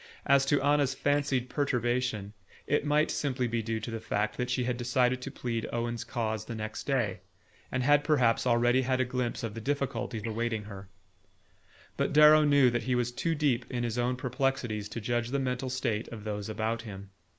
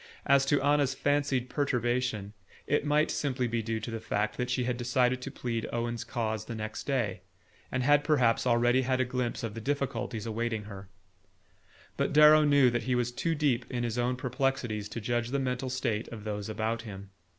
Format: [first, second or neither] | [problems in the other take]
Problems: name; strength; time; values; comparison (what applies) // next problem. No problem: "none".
second | noise reduction (neural mask model Resemble Enhance denoiser)